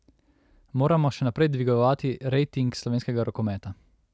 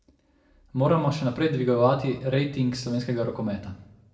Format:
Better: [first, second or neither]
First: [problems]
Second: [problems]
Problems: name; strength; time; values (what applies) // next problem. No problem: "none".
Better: first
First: none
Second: room echo; dies away in 0.6 s